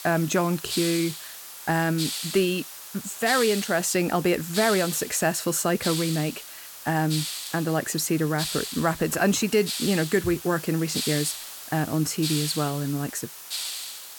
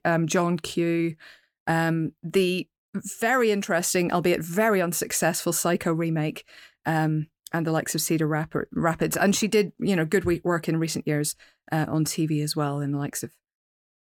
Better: second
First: hiss; loud; throughout; 7 dB below the speech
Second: none

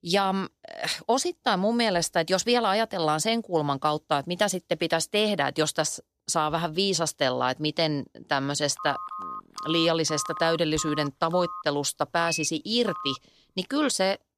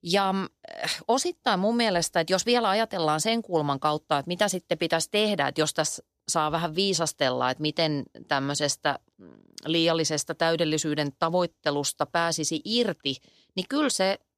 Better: second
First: phone ringing; noticeable; from 9 to 13 s; peak 7 dB below the speech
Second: none

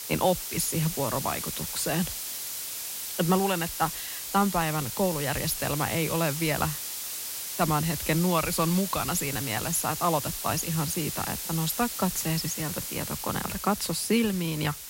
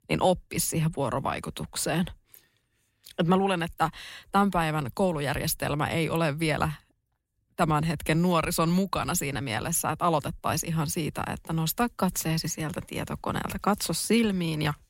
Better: second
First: hiss; loud; throughout; 4 dB below the speech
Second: none

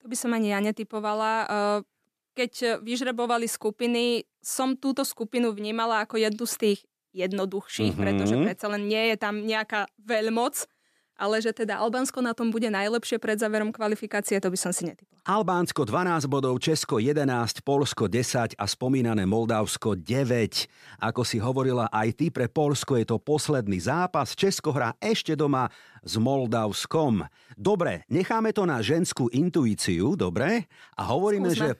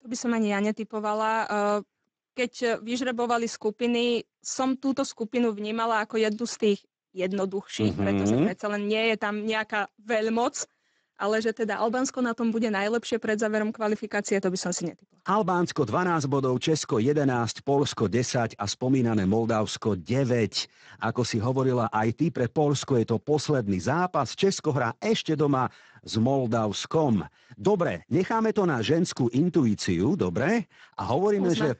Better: first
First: none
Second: garbled, watery; badly; nothing above 7.5 kHz

